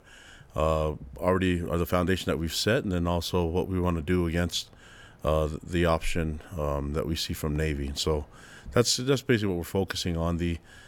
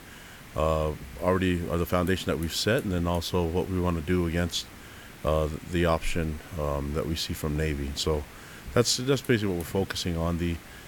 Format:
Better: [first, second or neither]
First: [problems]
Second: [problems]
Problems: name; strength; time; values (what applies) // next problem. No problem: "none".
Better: first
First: none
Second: hiss; noticeable; throughout; 20 dB below the speech